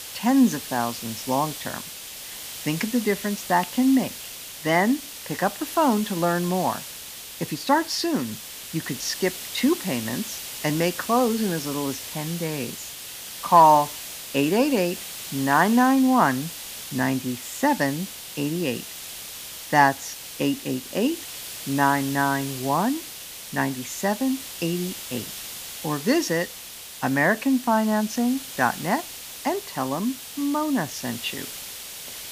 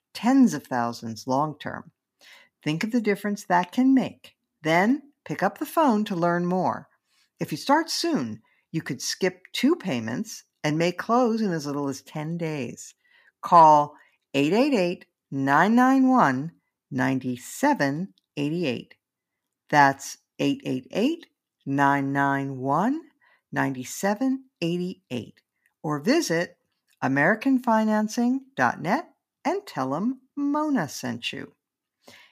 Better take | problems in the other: second | hiss; noticeable; throughout; 10 dB below the speech

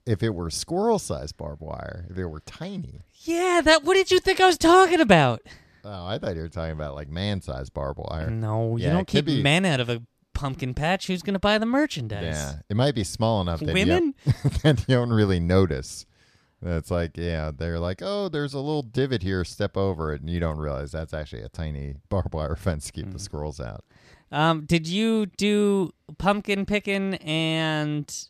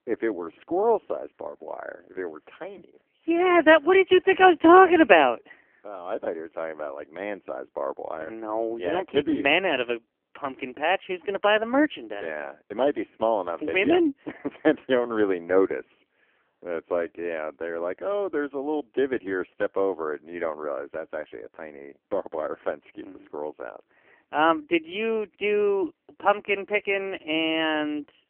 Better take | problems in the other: first | phone-call audio; poor line; nothing above 3 kHz

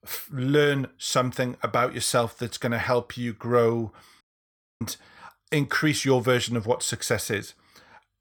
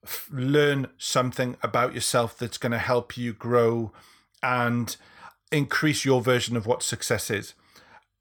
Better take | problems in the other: second | audio cutting out; at 4 s for 0.5 s

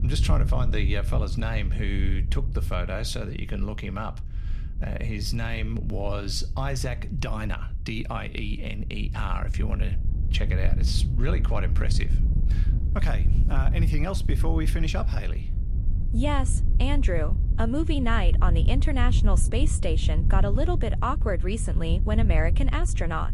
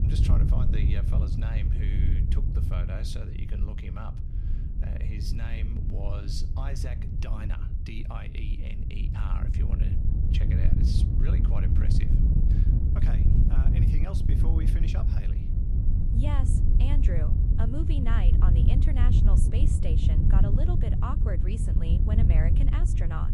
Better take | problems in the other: first | wind noise on the microphone; heavy; 1 dB above the speech; occasional gusts in the first

